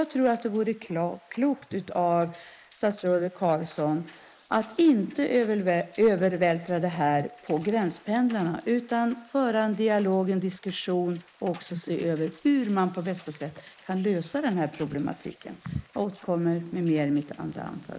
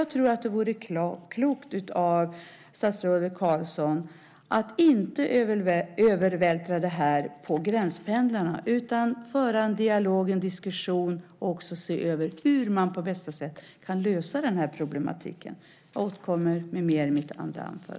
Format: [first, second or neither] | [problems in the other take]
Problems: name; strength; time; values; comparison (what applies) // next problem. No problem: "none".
second | noise reduction (neural mask model Resemble Enhance denoiser)